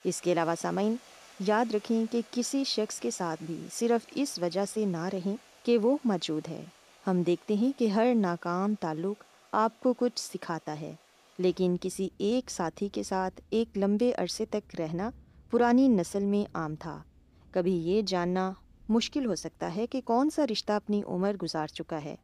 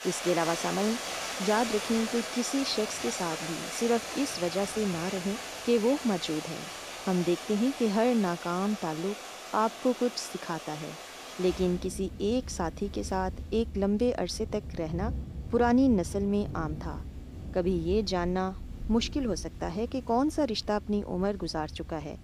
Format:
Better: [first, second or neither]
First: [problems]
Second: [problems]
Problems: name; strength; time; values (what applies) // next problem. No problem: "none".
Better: first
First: rain or running water; faint; throughout; 25 dB below the speech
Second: rain or running water; loud; throughout; 8 dB below the speech